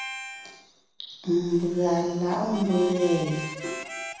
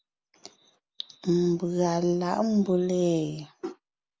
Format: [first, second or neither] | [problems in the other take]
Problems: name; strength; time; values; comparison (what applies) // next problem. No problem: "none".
second | background sound (Harmonica); 12 dB below the speech // room echo; dies away in 0.9 s